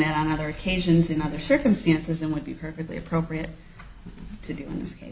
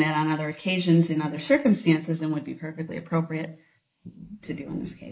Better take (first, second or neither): first